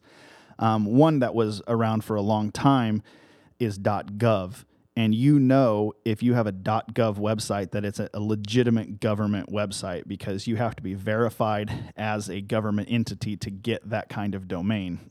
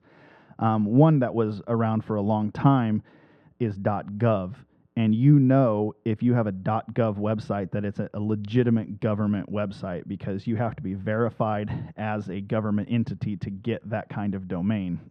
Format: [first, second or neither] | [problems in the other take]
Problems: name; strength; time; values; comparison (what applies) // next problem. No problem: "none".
first | muffled; very; fading above 2 kHz